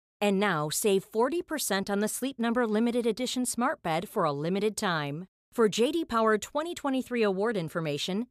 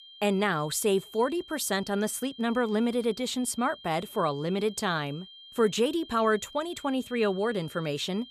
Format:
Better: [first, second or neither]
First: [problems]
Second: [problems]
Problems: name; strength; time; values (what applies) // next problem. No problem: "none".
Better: first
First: none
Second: high-pitched whine; noticeable; throughout; 3 kHz, 20 dB below the speech